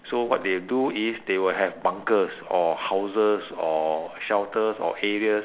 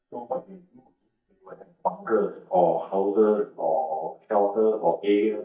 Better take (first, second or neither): first